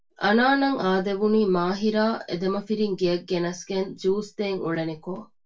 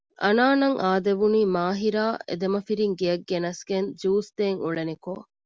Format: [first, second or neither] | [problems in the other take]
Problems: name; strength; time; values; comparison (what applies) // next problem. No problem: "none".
second | room echo; dies away in 0.2 s